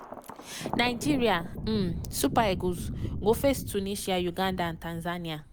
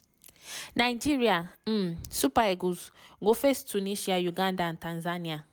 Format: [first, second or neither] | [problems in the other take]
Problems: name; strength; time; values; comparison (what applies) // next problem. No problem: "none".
second | background sound (Thunder); 7 dB below the speech